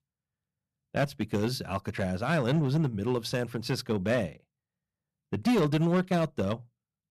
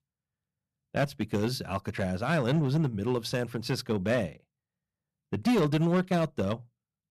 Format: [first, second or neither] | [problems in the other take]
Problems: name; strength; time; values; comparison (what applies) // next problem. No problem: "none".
neither | distortion; slight; 6% of the sound clipped; the same in both